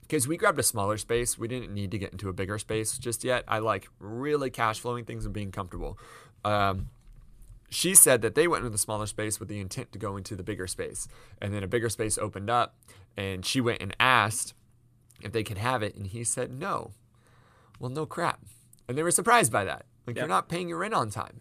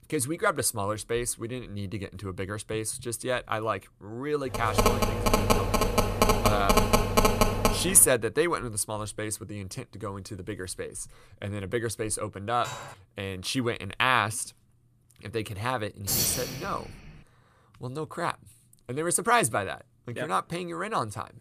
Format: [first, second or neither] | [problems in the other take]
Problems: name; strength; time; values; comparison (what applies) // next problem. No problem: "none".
first | phone ringing; loud; from 4.5 to 8 s; peak 6 dB above the speech // clattering dishes; noticeable; at 13 s; peak 10 dB below the speech // jangling keys; loud; from 16 to 17 s; peak 4 dB above the speech